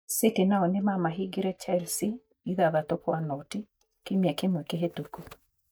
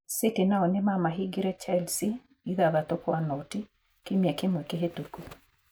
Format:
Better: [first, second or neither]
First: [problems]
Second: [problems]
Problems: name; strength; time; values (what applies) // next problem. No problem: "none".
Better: second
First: noise reduction (neural mask model DeepFilterNet 3)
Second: none